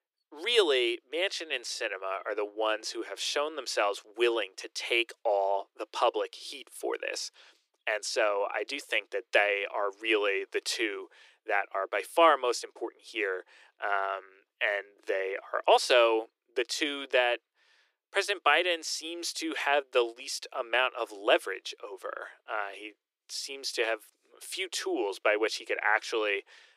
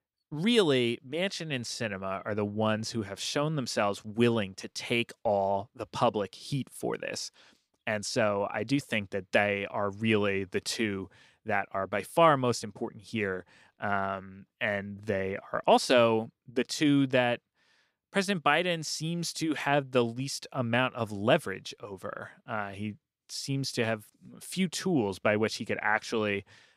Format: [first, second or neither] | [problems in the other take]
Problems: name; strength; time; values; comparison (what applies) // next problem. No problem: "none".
second | thin; very; fading below 350 Hz